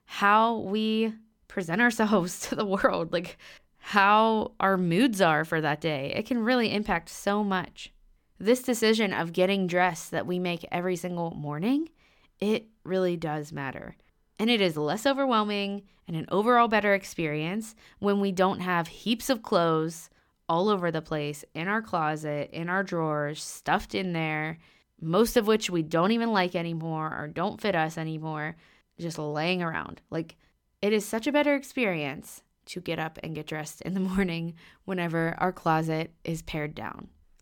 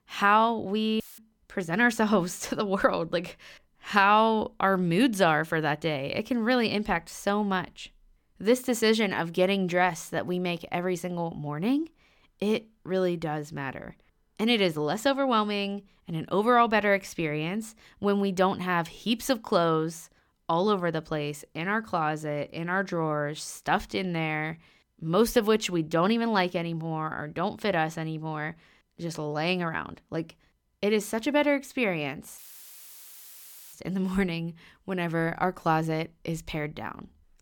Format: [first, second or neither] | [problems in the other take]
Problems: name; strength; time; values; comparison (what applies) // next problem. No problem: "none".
first | audio cutting out; filled with static; at 1 s and at 32 s for 1.5 s